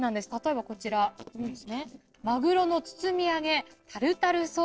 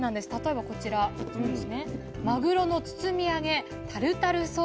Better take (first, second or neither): second